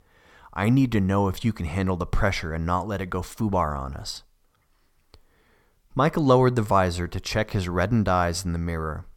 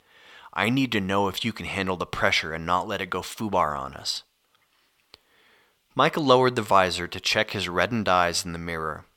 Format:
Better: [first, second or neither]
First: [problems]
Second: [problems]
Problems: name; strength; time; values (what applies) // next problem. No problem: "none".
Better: first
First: none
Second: thin; very slightly; fading below 400 Hz